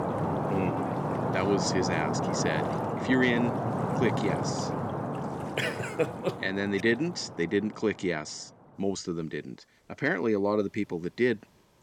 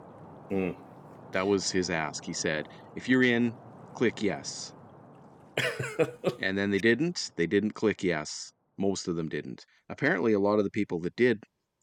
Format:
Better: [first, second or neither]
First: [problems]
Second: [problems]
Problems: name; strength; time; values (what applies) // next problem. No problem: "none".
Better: second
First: rain or running water; loud; throughout; 1 dB below the speech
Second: rain or running water; faint; throughout; 20 dB below the speech